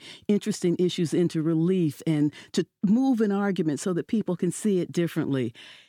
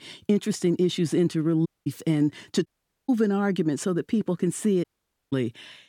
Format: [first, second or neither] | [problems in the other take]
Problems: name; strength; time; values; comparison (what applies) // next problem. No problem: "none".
first | audio cutting out; at 1.5 s, at 2.5 s and at 5 s